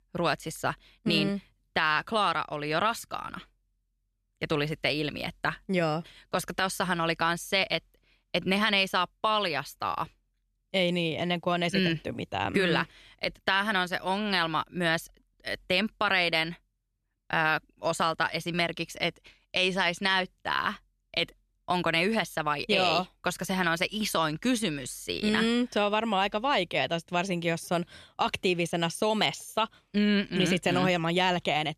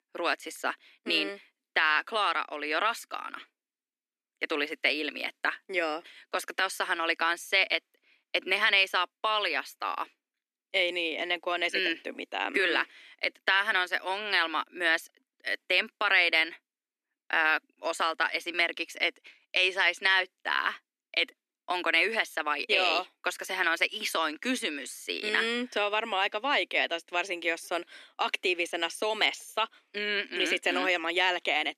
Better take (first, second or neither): first